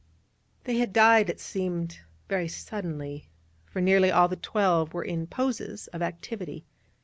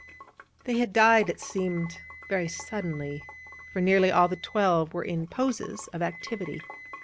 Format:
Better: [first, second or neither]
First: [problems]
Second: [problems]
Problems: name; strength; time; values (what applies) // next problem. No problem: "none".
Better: first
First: none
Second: background sound (Wind instrument, woodwind instrument + Sink (filling or washing) / Water); 18 dB below the speech